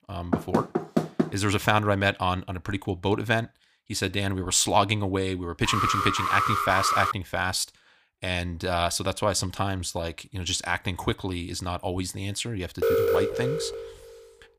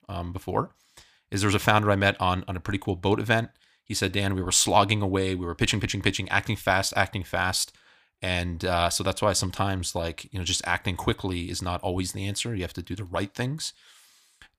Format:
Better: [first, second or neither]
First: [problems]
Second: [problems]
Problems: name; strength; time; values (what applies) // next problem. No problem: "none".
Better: second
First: door banging; loud; at 0.5 s; peak level with the speech // alarm; loud; from 5.5 to 7 s and from 13 to 14 s; peak 5 dB above the speech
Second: none